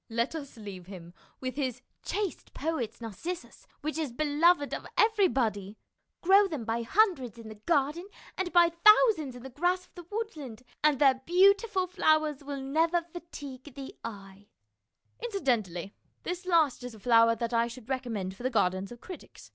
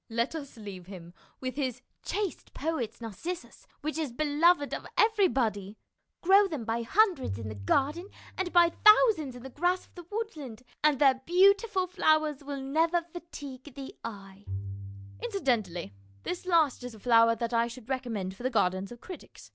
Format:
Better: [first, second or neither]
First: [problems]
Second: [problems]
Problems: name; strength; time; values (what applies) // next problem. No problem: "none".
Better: first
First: none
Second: background sound (Bowed string instrument); 12 dB below the speech